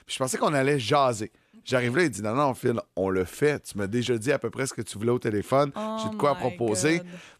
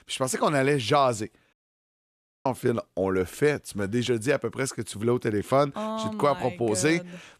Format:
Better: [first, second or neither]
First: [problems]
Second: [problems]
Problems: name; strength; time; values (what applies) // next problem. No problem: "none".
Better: first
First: none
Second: audio cutting out; at 1.5 s for 1 s